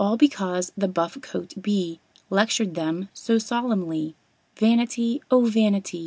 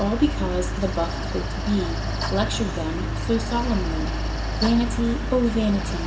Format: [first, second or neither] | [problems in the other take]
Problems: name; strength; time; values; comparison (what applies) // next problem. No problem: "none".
first | background sound (Mechanical fan); 1 dB below the speech // room echo; dies away in 1.7 s